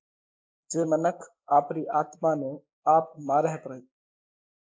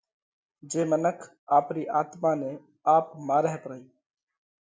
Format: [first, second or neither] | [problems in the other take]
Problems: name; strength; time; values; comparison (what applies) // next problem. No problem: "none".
second | noise reduction (neural mask model Resemble Enhance denoiser)